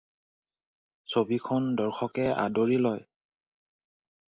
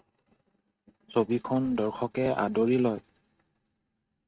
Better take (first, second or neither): first